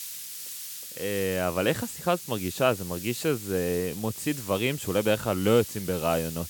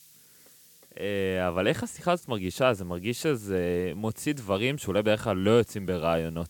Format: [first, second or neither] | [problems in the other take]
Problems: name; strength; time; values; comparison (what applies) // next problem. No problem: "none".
second | hiss; loud; throughout; 10 dB below the speech; faint in the second